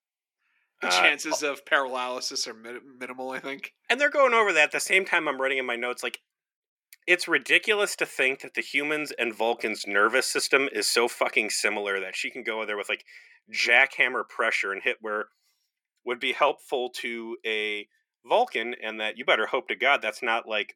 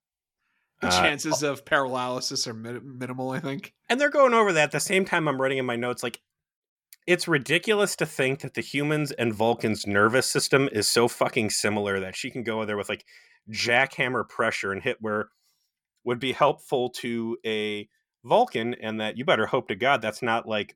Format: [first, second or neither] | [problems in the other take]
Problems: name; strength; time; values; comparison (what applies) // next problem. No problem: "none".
second | thin; somewhat; fading below 300 Hz